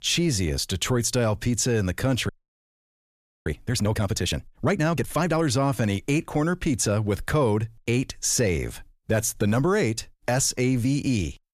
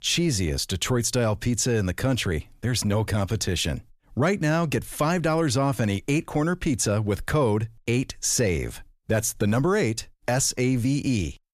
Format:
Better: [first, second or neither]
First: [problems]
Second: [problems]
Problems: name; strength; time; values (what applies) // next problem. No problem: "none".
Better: second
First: audio freezing; at 2.5 s for 1 s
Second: none